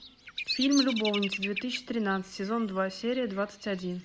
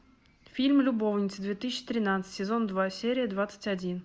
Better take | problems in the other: second | background sound (Bird vocalization, bird call, bird song); 8 dB below the speech

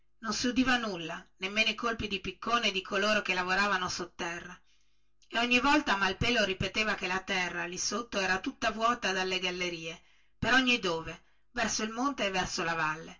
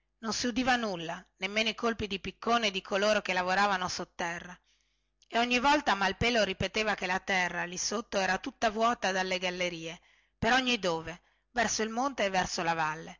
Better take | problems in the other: second | room echo; dies away in 0.1 s

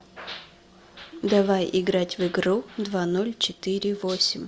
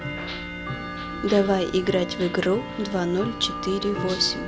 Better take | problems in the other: first | background sound (Tick-tock / Bell); 7 dB below the speech

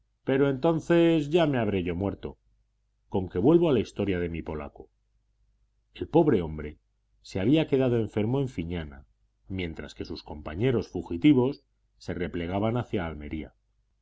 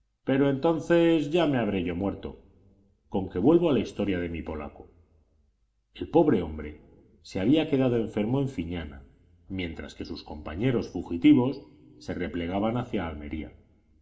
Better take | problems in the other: first | room echo; dies away in 0.7 s

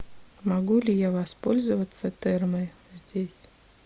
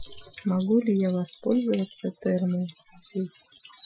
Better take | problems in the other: first | noise reduction (classical method Wiener filter)

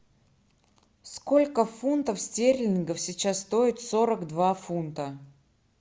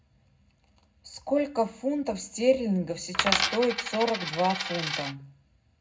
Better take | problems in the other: first | background sound (Coin (dropping)); 1 dB below the speech // room echo; dies away in 0.3 s

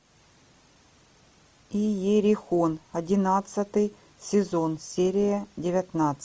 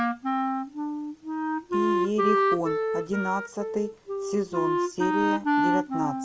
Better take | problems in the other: first | background sound (Wind instrument, woodwind instrument); 4 dB above the speech

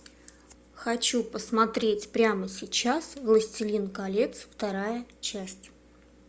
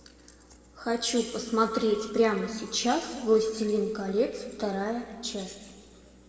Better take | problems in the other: first | room echo; dies away in 1.8 s

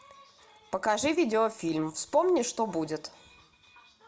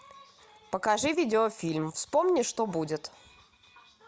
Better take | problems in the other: second | room echo; dies away in 0.3 s

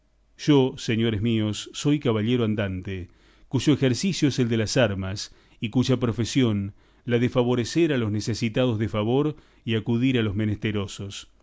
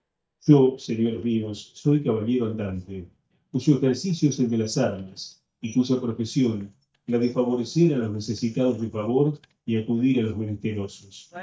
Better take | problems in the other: first | noise reduction (neural mask model DeepFilterNet 3)

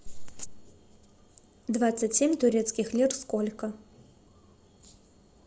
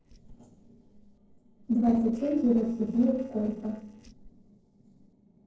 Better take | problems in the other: first | noise reduction (neural separator model SepFormer DNS4)

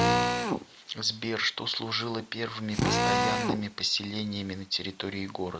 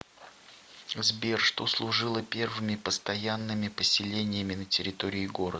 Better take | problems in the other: second | background sound (Drill); 1 dB above the speech

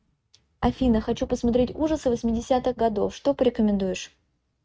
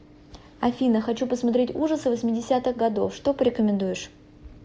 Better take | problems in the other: second | noise reduction (neural mask model RNNoise)

